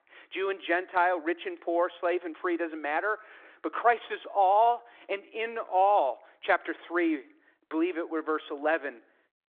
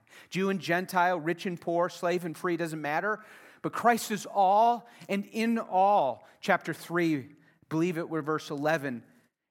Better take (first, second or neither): second